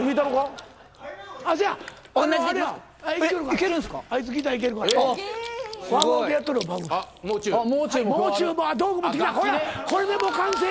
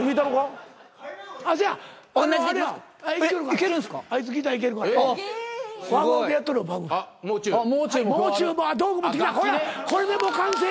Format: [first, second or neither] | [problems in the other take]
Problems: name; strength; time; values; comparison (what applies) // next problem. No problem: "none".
second | background sound (Chewing, mastication); 17 dB below the speech